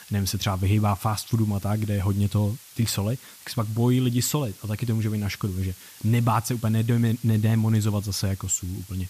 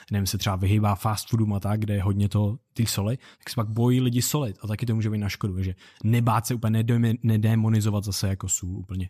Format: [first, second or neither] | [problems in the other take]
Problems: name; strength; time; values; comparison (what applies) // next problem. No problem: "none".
second | hiss; noticeable; throughout; 20 dB below the speech